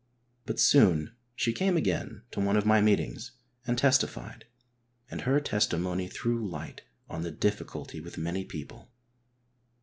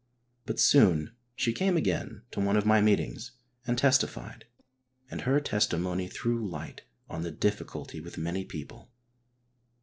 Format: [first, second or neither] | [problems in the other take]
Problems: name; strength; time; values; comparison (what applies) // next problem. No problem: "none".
first | noise reduction (neural separator model SepFormer DNS4)